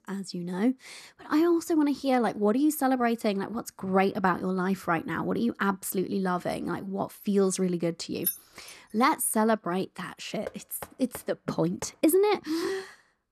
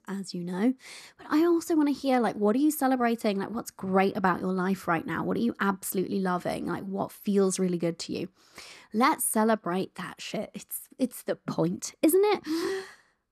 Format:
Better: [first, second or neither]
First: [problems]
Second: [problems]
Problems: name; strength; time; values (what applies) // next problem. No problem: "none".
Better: second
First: jangling keys; noticeable; at 8.5 s; peak 3 dB below the speech // door banging; faint; from 10 to 12 s; peak 15 dB below the speech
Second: none